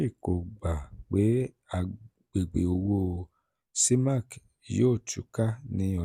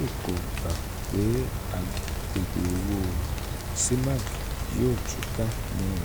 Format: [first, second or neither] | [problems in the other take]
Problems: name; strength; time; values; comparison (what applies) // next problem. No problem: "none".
first | background sound (Rain); 1 dB below the speech